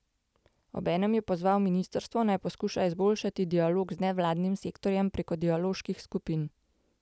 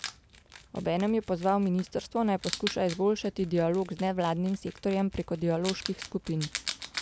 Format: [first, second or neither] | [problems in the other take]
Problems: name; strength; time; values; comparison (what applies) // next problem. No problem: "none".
first | background sound (Wild animals); 13 dB below the speech